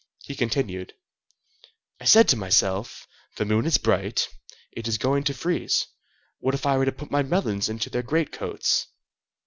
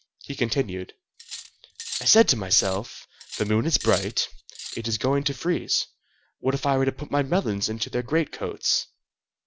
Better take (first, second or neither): first